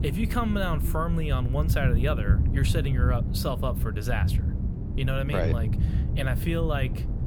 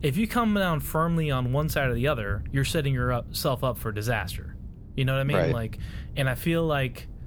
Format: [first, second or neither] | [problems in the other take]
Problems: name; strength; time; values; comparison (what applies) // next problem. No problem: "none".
second | low rumble; loud; throughout; 9 dB below the speech; faint in the second